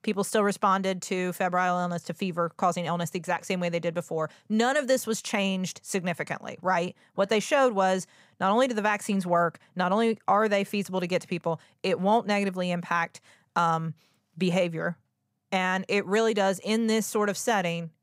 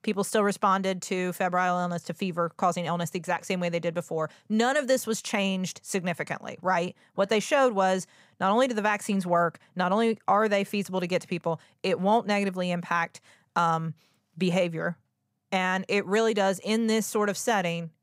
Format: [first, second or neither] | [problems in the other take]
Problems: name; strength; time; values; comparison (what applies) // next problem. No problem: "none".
neither | none